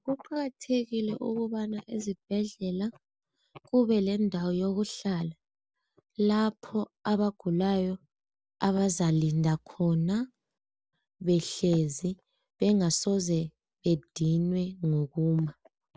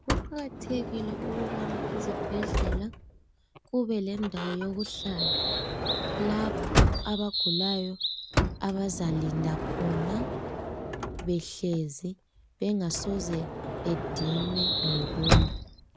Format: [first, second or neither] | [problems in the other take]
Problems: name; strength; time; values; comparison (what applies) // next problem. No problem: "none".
first | background sound (Sliding door / Motor vehicle (road) + Bird vocalization, bird call, bird song); 2 dB above the speech